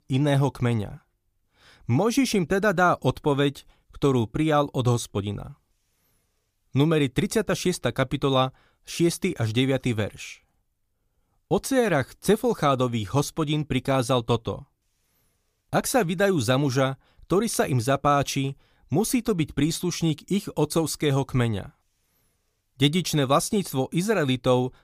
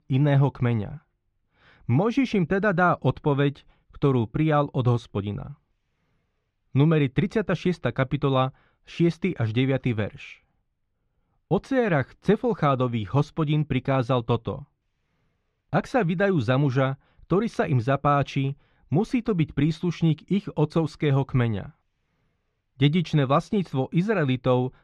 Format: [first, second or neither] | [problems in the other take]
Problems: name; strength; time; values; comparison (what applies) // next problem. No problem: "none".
first | muffled; slightly; fading above 2.5 kHz